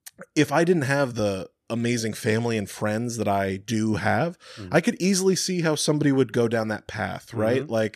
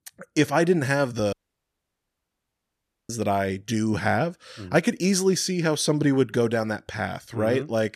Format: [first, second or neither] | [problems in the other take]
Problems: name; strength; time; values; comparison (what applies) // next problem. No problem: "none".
first | audio cutting out; at 1.5 s for 2 s